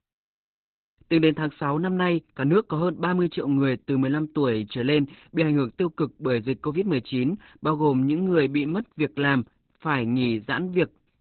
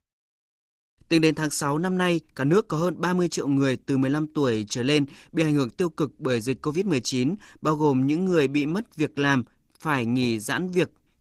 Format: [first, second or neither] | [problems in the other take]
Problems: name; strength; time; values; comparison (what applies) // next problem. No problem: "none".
second | garbled, watery; badly; nothing above 4 kHz; slightly in the second